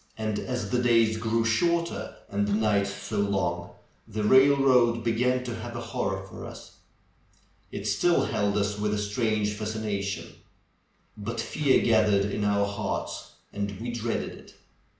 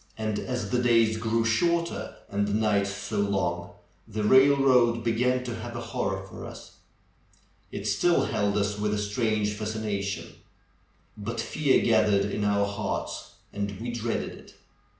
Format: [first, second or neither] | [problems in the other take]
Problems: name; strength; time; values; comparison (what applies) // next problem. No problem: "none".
second | noise reduction (neural mask model Resemble Enhance denoiser)